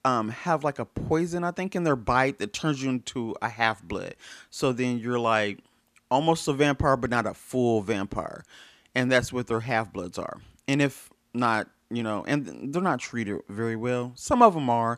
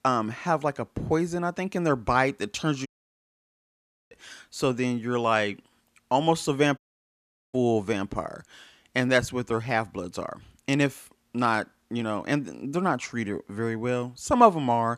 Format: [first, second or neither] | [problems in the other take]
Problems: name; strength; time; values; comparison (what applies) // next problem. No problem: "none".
first | audio cutting out; at 3 s for 1.5 s and at 7 s for 1 s